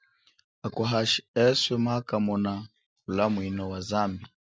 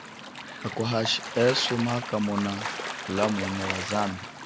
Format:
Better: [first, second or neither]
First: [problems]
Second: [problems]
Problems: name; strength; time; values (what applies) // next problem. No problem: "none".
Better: first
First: none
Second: background sound (Gull, seagull / Waves, surf); 6 dB below the speech